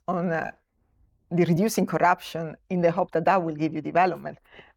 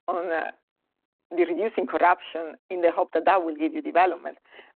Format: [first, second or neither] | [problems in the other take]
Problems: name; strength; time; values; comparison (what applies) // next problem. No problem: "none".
first | phone-call audio; nothing above 4 kHz